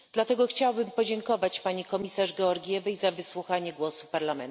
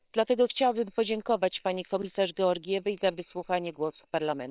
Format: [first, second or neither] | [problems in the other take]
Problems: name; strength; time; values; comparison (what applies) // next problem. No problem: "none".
first | noise reduction (neural separator model SepFormer WHAM!)